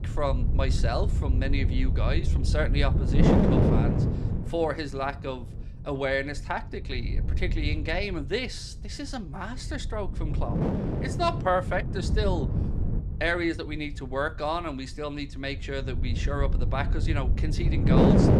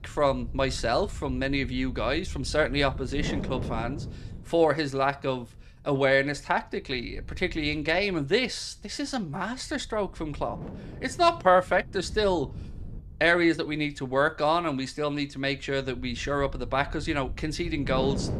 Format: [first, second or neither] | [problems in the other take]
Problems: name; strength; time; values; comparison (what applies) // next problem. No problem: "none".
second | wind noise on the microphone; heavy; 2 dB below the speech; occasional gusts in the second